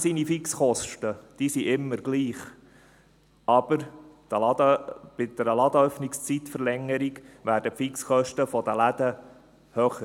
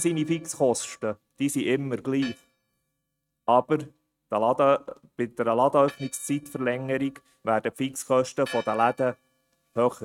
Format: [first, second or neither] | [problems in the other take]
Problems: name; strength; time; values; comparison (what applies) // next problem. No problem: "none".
first | noise reduction (neural mask model RNNoise)